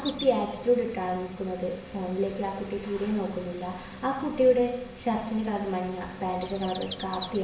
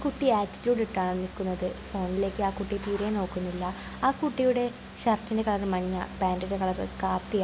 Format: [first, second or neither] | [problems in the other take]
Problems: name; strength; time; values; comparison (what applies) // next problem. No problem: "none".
second | background sound (Bird vocalization, bird call, bird song); 18 dB below the speech // room echo; dies away in 0.7 s